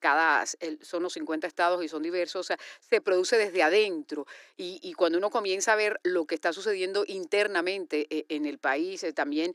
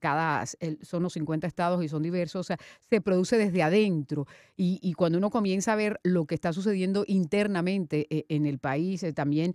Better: second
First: thin; very; fading below 300 Hz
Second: none

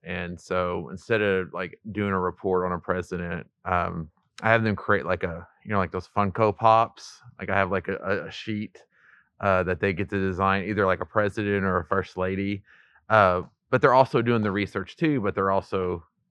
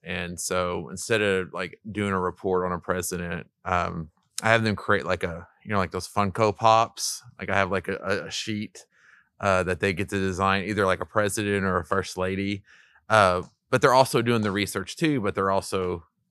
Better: second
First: muffled; slightly; fading above 2.5 kHz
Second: none

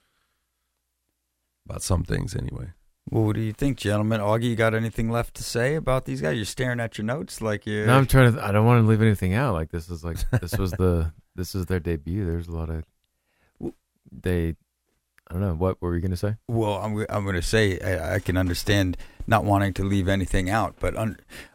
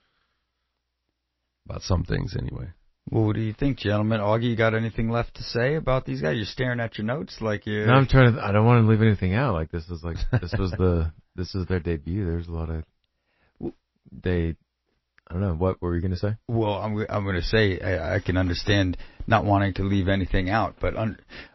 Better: first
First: none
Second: garbled, watery; slightly; nothing above 5.5 kHz

